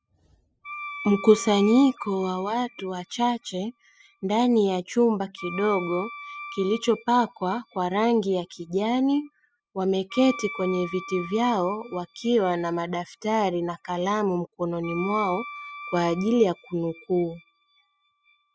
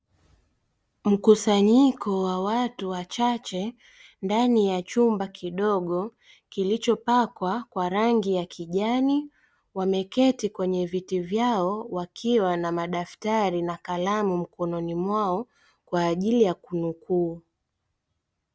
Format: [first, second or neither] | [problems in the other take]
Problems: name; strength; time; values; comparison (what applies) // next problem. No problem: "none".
second | noise reduction (classical method spectral subtraction)